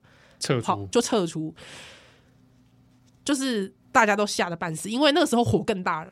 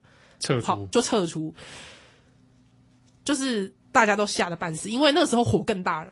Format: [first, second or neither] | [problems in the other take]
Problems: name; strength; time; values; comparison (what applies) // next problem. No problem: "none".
first | garbled, watery; slightly; nothing above 11 kHz